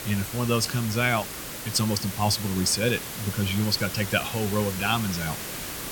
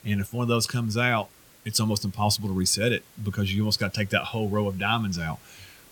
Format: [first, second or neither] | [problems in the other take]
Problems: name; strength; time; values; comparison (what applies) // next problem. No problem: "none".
second | hiss; loud; throughout; 7 dB below the speech; faint in the second